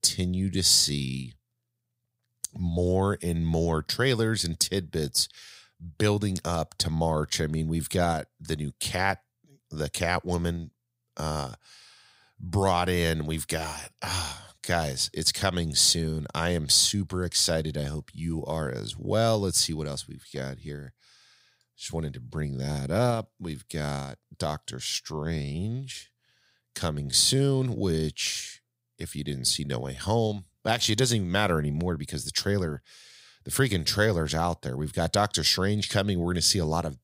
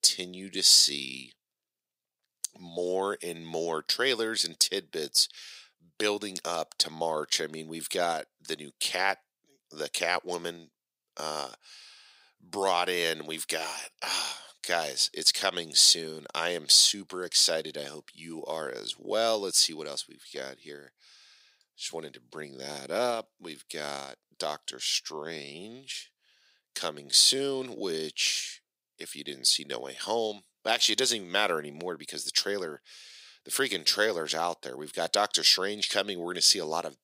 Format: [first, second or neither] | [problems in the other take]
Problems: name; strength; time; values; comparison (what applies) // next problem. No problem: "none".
first | thin; somewhat; fading below 300 Hz